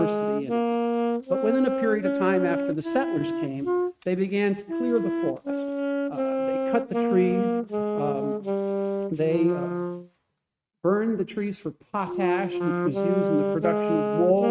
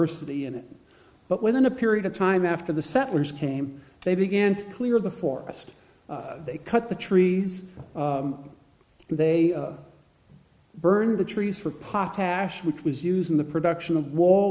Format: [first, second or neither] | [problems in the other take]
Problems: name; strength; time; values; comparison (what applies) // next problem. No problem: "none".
second | noise reduction (neural mask model RNNoise)